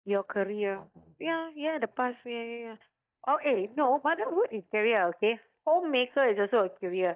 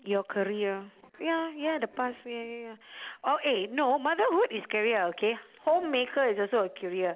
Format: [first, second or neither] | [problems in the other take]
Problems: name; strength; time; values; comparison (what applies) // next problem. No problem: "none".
second | noise reduction (neural mask model DeepFilterNet 3)